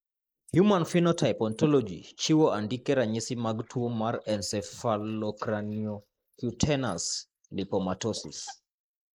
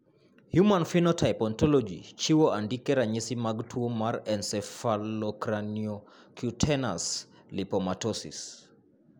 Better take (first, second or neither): second